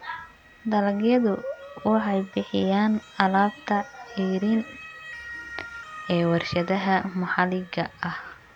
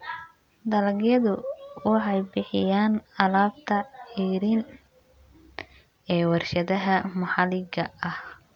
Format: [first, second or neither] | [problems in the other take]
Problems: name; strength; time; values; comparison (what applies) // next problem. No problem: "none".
second | background sound (Motor vehicle (road) / Siren); 18 dB below the speech